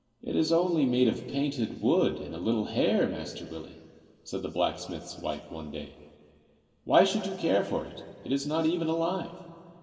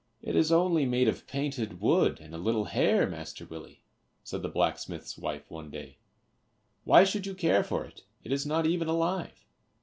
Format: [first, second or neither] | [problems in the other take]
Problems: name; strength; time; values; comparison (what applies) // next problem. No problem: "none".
second | room echo; dies away in 2.3 s